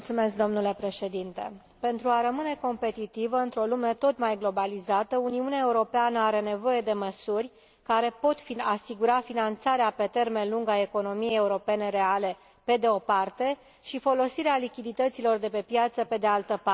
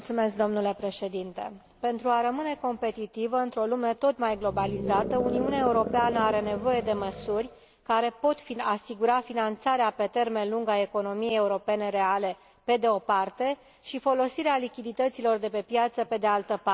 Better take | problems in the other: first | background sound (Animal); 6 dB below the speech

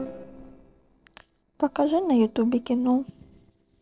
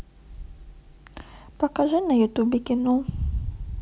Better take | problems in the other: second | noise reduction (neural separator model SepFormer DNS4)

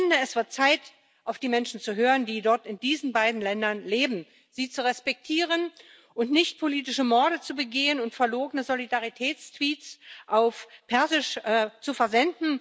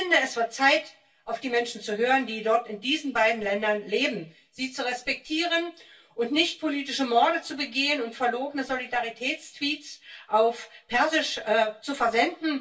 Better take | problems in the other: first | room echo; dies away in 0.2 s

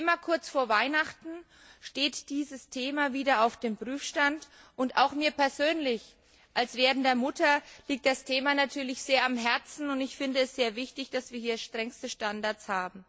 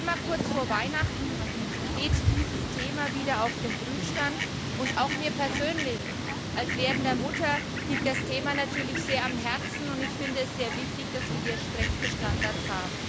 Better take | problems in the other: first | background sound (Fowl); 2 dB above the speech

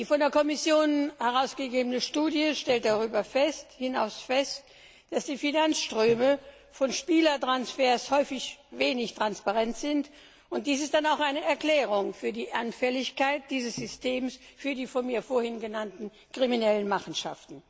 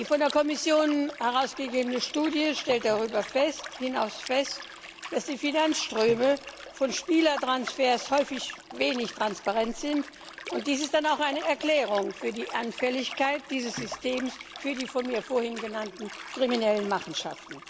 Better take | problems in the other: first | background sound (Liquid); 14 dB below the speech

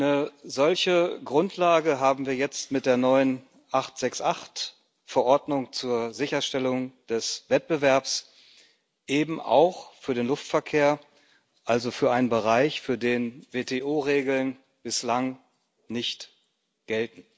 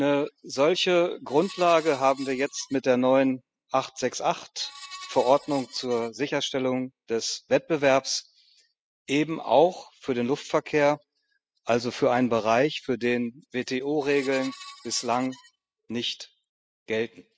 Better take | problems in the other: first | noise reduction (classical method spectral subtraction)

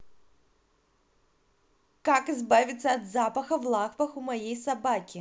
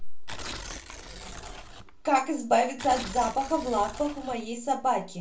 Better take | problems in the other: first | background sound (Tearing); 13 dB below the speech // room echo; dies away in 0.2 s

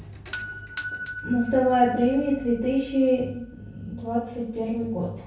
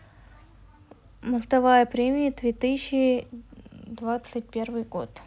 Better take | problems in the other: second | background sound (Doorbell); 15 dB below the speech // room echo; dies away in 0.6 s

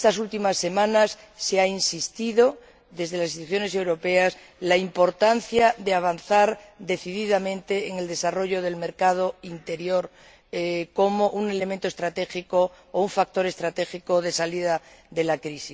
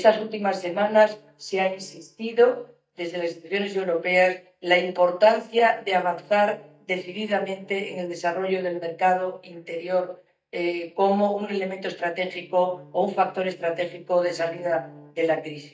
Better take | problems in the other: first | noise reduction (neural mask model DeepFilterNet 3)

